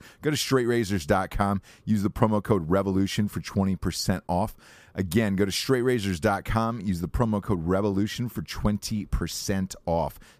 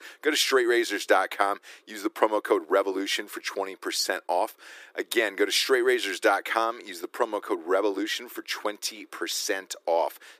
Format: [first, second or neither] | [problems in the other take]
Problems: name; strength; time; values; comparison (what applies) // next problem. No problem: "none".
first | thin; very; fading below 300 Hz